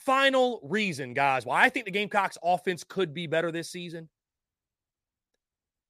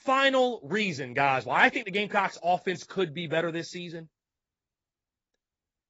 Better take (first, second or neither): first